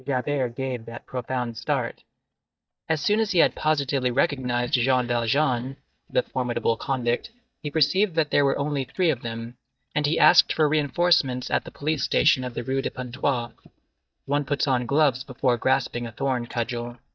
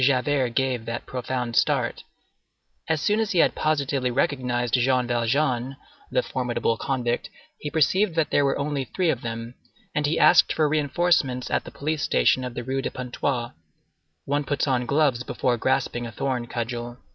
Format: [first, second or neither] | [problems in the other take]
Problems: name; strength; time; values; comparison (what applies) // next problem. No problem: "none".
second | noise reduction (neural mask model DeepFilterNet 3)